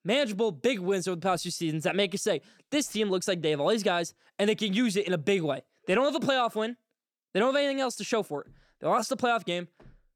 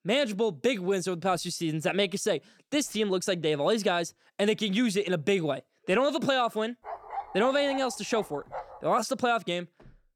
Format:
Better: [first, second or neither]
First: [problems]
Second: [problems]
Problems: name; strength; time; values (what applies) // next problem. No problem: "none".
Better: first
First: none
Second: dog barking; noticeable; from 7 to 9 s; peak 9 dB below the speech